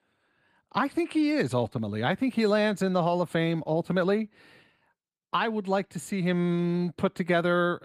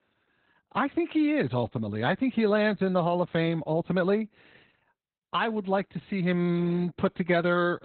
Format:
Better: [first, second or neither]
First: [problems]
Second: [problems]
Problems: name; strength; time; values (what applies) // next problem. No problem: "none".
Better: first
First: garbled, watery; slightly; nothing above 15 kHz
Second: garbled, watery; badly; nothing above 4 kHz